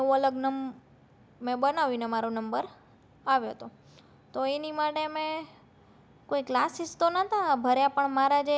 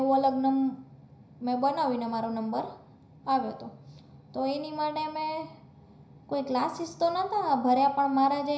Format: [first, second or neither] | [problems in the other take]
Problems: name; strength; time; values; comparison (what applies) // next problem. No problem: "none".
first | room echo; dies away in 0.5 s